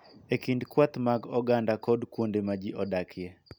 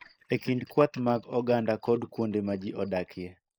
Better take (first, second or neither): first